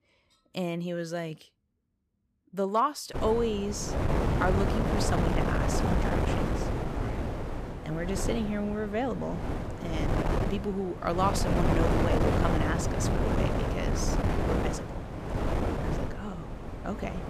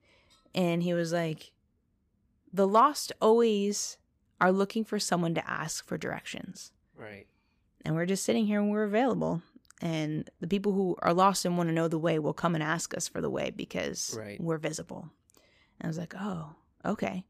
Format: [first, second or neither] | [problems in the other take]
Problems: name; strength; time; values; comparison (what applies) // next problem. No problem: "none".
second | wind noise on the microphone; heavy; from 3 s on; as loud as the speech